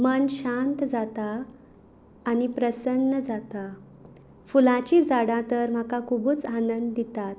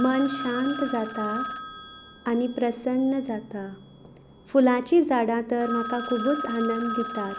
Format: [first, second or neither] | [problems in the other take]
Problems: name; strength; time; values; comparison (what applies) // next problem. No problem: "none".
first | background sound (Telephone); 11 dB below the speech